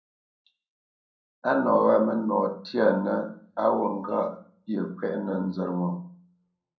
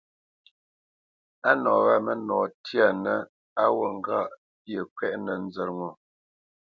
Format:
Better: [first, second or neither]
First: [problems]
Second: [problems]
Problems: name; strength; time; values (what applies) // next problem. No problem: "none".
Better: second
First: room echo; dies away in 0.6 s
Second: none